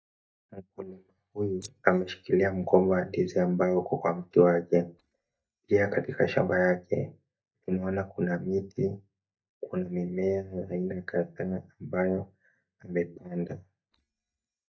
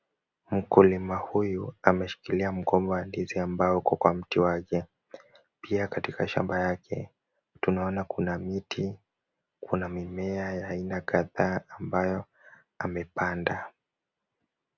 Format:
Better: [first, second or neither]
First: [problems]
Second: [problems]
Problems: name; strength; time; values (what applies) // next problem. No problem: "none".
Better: second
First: noise reduction (neural mask model DeepFilterNet 3)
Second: none